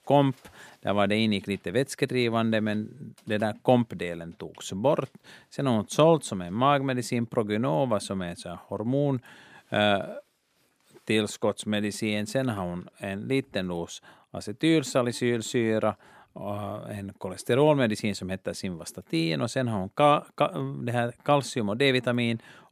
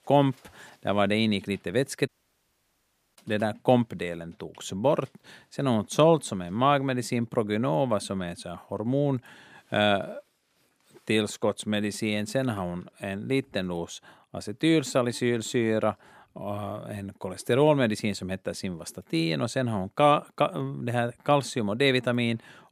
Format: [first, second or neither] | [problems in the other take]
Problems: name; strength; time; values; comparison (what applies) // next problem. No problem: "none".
first | audio cutting out; at 2 s for 1 s